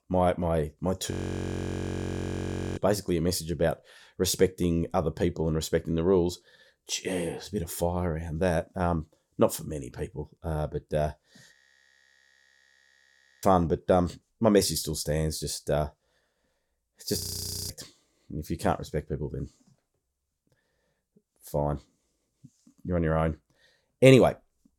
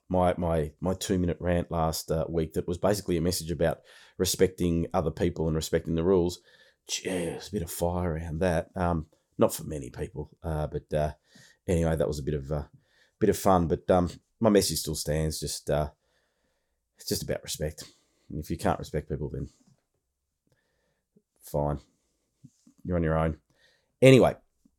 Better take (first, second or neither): second